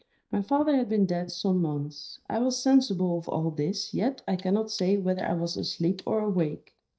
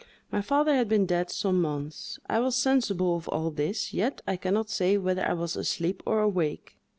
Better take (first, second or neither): second